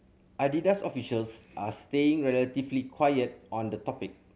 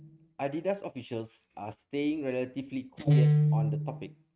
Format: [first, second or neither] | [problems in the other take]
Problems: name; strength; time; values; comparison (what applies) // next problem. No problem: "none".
first | noise reduction (neural mask model RNNoise)